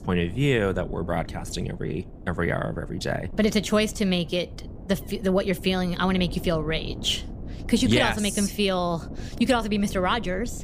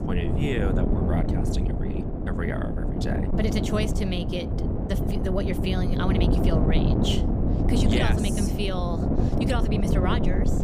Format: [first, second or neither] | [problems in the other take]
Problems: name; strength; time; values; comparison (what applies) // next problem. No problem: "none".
first | wind noise on the microphone; heavy; as loud as the speech; occasional gusts in the first